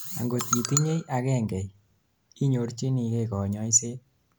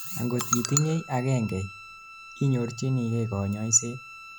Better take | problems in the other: first | background sound (Bowed string instrument); 18 dB below the speech

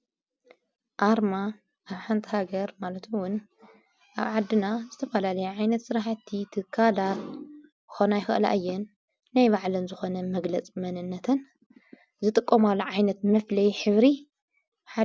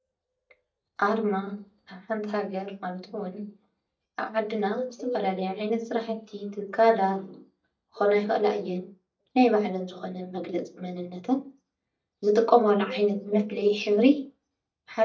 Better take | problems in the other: first | noise reduction (neural mask model DeepFilterNet 3)

